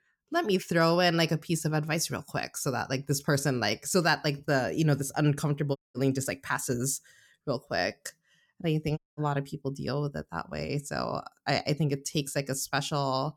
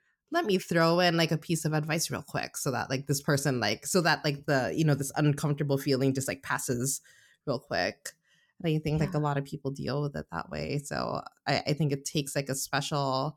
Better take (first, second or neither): second